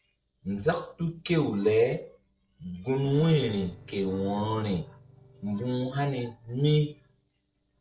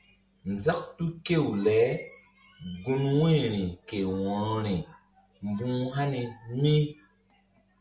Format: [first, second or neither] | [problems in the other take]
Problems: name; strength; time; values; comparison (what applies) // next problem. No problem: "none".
second | noise reduction (neural separator model SepFormer DNS4)